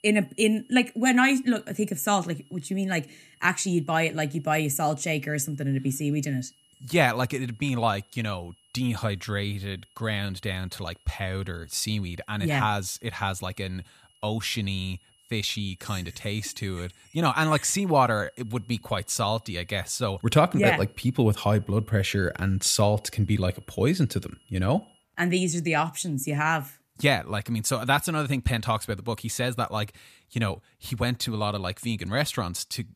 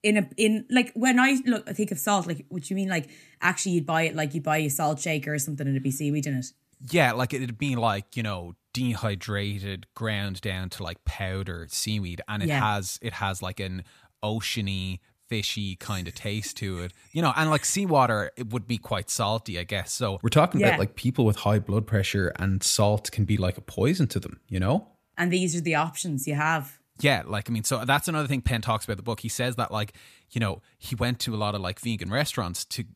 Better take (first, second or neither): second